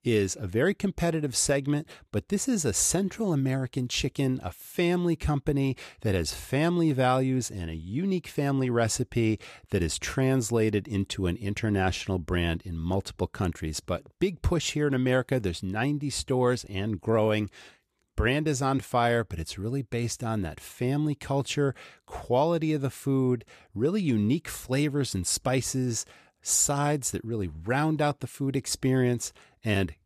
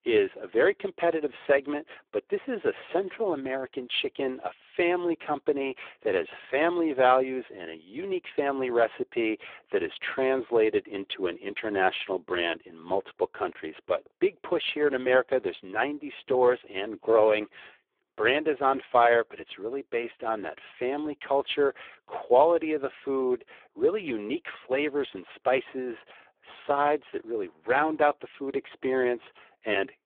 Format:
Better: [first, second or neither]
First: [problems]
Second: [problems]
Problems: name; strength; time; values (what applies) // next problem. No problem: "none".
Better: first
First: none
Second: phone-call audio; poor line; nothing above 3.5 kHz